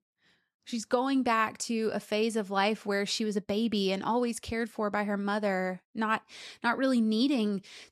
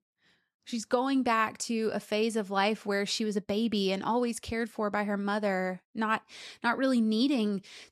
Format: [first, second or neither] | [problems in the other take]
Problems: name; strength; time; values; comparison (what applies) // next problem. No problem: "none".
neither | none